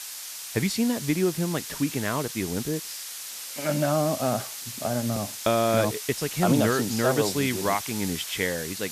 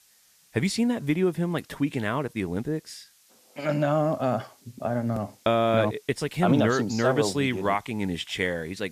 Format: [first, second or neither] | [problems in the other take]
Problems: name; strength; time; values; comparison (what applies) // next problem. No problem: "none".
second | hiss; loud; throughout; 7 dB below the speech; faint in the second